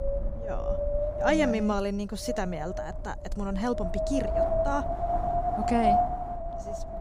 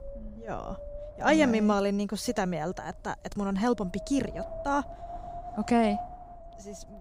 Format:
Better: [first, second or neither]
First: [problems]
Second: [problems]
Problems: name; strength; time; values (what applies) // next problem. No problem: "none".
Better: second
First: wind noise on the microphone; heavy; 3 dB above the speech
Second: wind noise on the microphone; occasional gusts; 10 dB below the speech